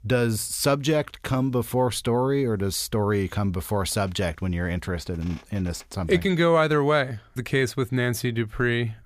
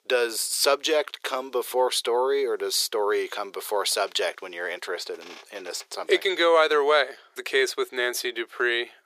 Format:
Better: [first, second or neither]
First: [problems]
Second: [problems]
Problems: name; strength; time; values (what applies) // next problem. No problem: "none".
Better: first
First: none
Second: thin; very; fading below 400 Hz